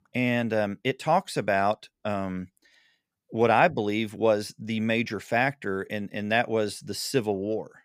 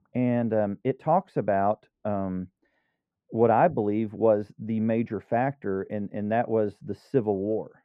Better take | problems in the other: first | muffled; very; fading above 2 kHz

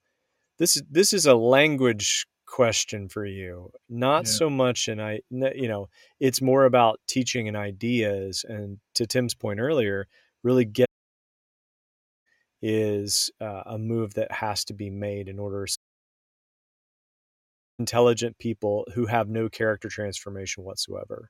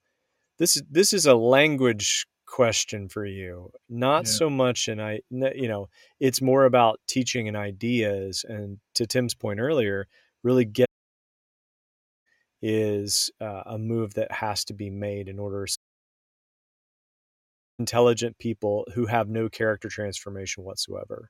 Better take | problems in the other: neither | audio cutting out; at 11 s for 1.5 s and at 16 s for 2 s; the same in both

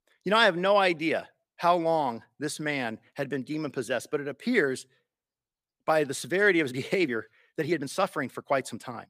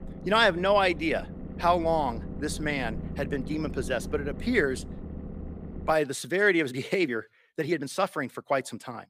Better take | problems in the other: first | low rumble; noticeable; until 6 s; 20 dB below the speech

